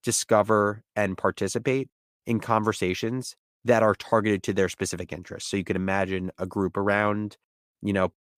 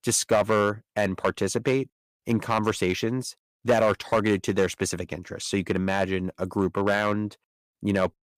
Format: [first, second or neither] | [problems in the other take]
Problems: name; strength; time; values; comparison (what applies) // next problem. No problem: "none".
first | distortion; slight; 2% of the sound clipped